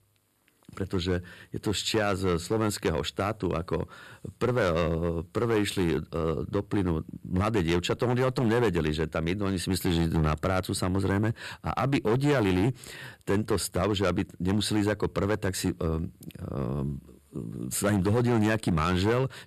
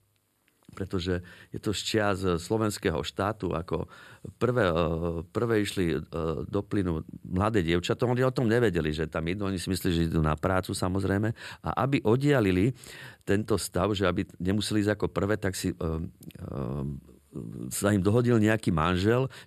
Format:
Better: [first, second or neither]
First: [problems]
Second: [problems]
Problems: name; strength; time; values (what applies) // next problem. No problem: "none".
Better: second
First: distortion; slight; 6% of the sound clipped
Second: none